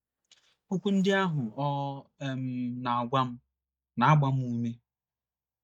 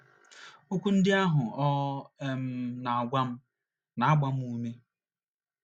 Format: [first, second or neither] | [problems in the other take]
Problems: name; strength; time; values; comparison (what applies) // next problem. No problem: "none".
second | noise reduction (neural mask model DeepFilterNet 3)